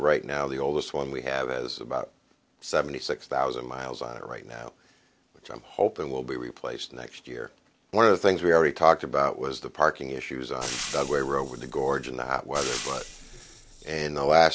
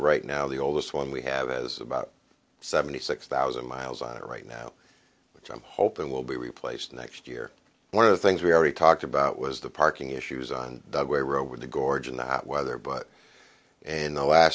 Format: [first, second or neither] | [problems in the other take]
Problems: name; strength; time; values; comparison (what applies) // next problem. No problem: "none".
second | background sound (Frying (food)); 11 dB below the speech